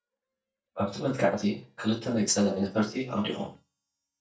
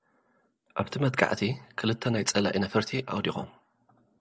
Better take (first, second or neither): second